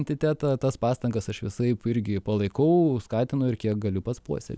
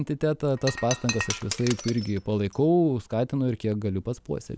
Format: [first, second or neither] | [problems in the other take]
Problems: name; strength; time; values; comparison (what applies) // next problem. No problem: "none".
first | background sound (Shatter); 10 dB below the speech